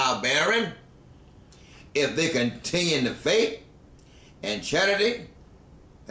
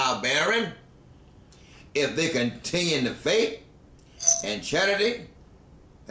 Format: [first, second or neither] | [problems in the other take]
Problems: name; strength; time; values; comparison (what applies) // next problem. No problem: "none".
first | background sound (Glass); 3 dB above the speech